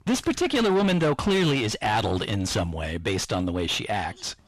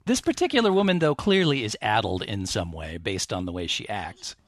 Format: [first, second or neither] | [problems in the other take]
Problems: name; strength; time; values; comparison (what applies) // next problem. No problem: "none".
second | distortion; heavy; 7 dB below the speech